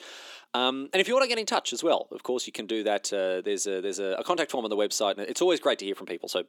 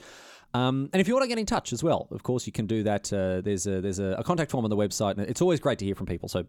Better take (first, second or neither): second